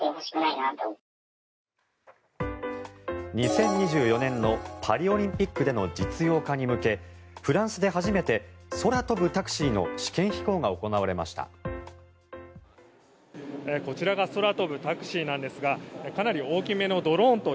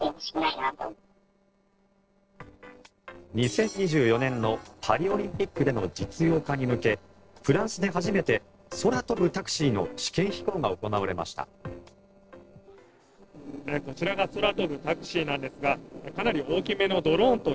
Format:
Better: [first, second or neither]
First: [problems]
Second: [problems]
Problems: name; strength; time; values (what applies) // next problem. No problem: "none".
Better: first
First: none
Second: noise reduction (neural separator model SepFormer DNS4)